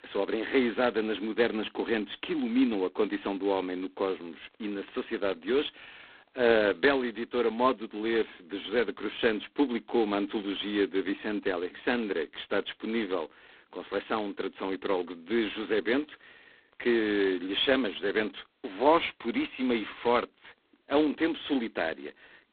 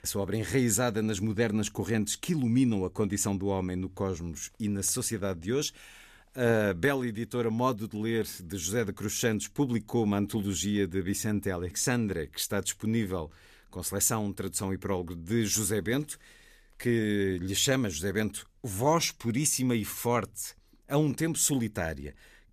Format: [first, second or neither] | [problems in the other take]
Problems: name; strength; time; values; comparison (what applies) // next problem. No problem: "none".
second | phone-call audio; poor line; nothing above 3.5 kHz